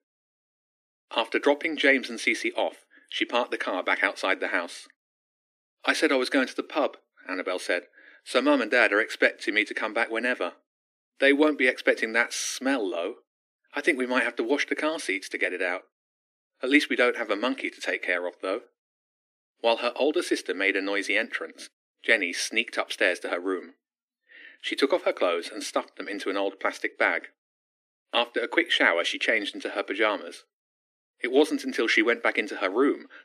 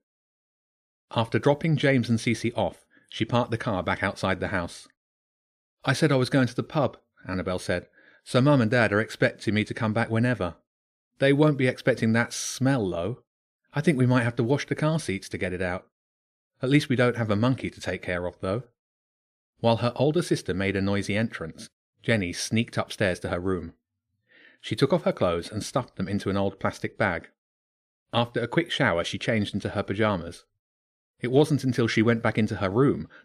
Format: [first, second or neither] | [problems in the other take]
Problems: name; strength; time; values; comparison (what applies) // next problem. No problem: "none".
second | thin; somewhat; fading below 300 Hz